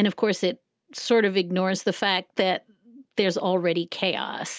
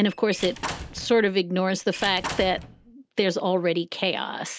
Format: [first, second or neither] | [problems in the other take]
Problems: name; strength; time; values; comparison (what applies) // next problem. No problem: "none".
first | background sound (Squeak / Slam / Wood); 11 dB below the speech